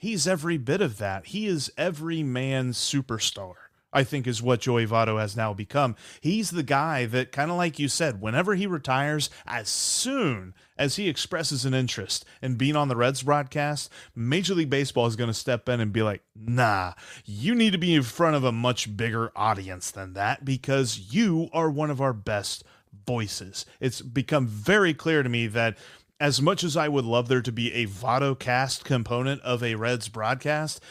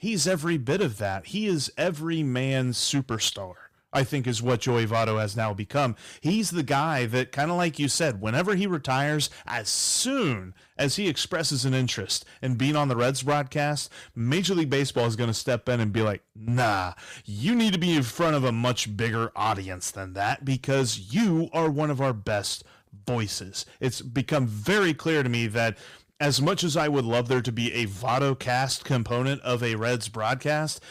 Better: first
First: none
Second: distortion; slight; 7% of the sound clipped

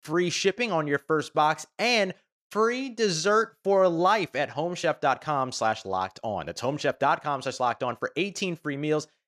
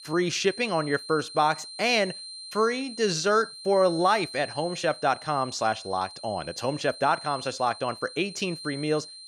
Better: first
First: none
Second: high-pitched whine; noticeable; throughout; 4 kHz, 15 dB below the speech

